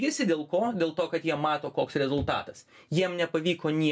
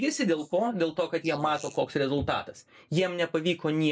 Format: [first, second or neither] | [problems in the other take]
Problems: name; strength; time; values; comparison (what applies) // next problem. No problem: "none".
first | noise reduction (neural mask model Resemble Enhance denoiser)